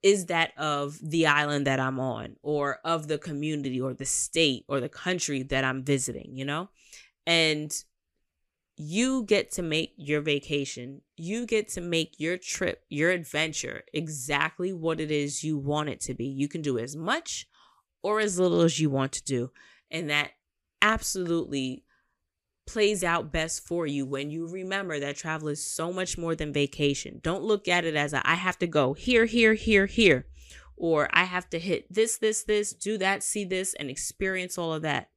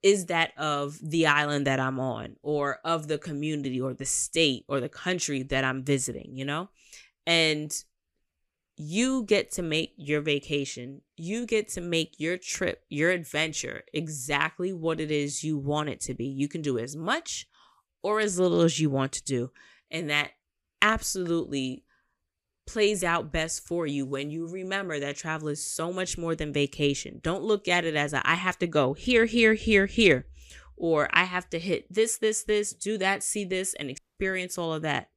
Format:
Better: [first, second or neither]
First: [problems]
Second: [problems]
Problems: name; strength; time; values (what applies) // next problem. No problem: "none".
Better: first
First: none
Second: audio cutting out; at 34 s